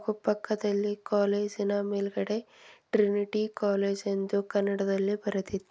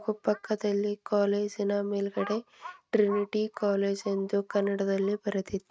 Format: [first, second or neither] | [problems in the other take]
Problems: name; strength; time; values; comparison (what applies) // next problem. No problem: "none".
first | noise reduction (neural mask model RNNoise)